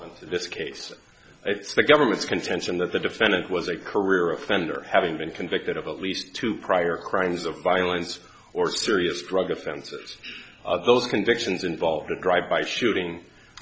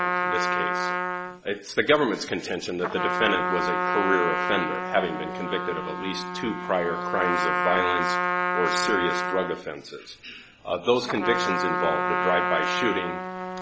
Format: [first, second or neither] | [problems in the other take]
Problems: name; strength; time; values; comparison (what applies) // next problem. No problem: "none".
first | background sound (Trumpet); as loud as the speech